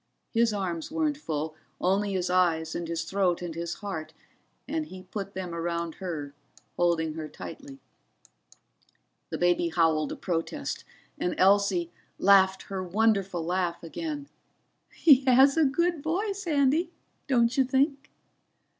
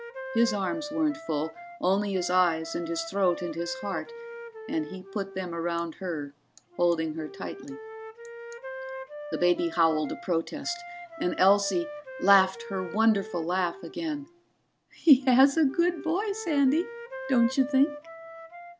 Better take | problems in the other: first | background sound (Wind instrument, woodwind instrument); 13 dB below the speech

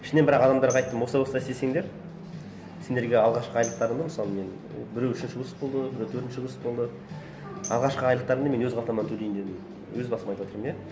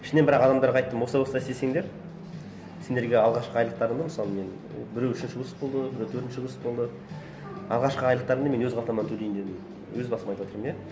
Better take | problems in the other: second | background sound (Tambourine); 19 dB below the speech

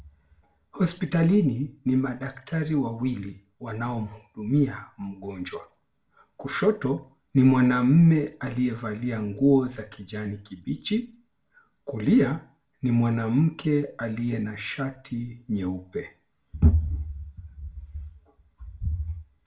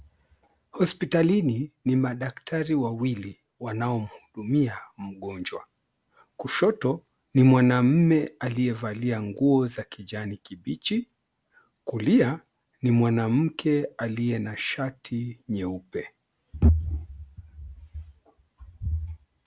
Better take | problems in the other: second | room echo; dies away in 0.4 s

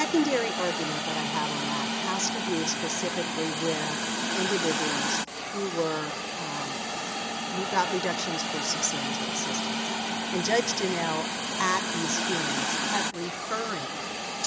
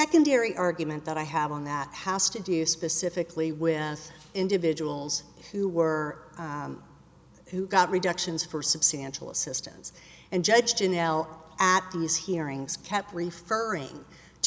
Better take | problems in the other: second | background sound (Hiss); 1 dB above the speech

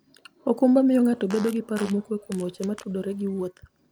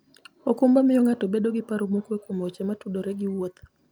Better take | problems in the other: second | background sound (Fart); 20 dB below the speech

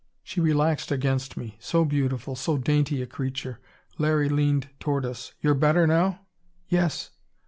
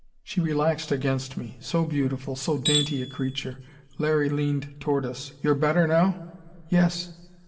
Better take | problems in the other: first | background sound (Tools); 3 dB below the speech // room echo; dies away in 1.7 s

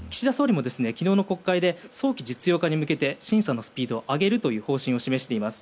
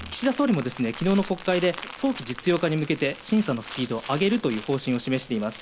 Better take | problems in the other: first | background sound (Crumpling, crinkling); 16 dB below the speech

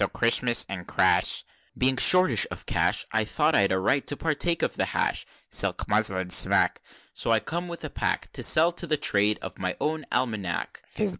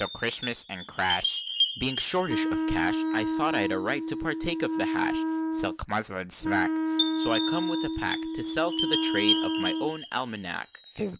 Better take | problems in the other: first | background sound (Chime + Wind instrument, woodwind instrument); 3 dB above the speech

